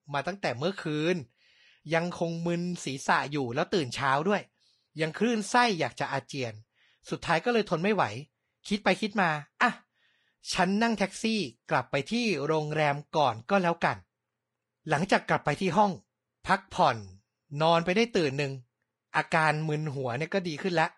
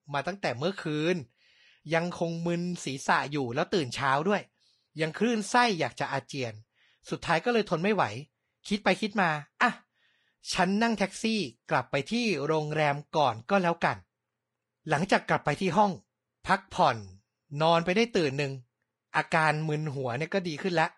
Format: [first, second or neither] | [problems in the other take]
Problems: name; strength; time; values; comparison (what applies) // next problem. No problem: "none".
neither | garbled, watery; slightly; nothing above 10.5 kHz; the same in both